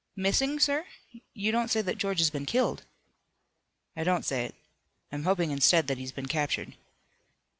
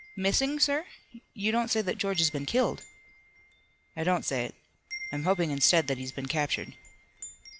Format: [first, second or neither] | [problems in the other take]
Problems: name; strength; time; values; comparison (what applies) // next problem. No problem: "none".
first | background sound (Wind chime); 18 dB below the speech